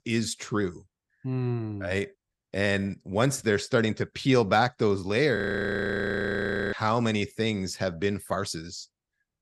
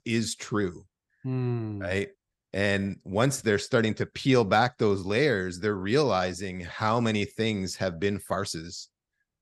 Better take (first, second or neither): second